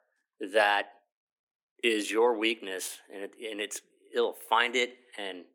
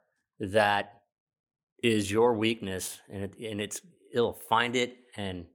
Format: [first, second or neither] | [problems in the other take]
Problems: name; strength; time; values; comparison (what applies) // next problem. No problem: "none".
second | thin; somewhat; fading below 250 Hz